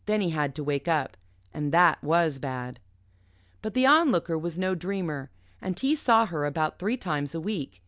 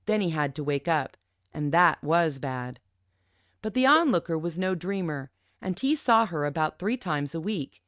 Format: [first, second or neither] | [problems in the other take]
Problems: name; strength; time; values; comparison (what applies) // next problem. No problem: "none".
first | noise reduction (neural mask model RNNoise)